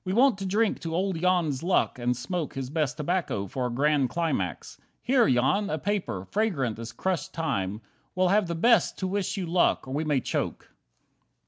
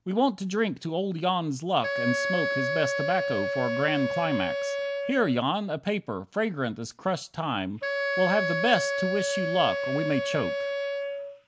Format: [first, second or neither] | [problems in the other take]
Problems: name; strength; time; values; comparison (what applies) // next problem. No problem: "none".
first | background sound (Wind instrument, woodwind instrument); 2 dB below the speech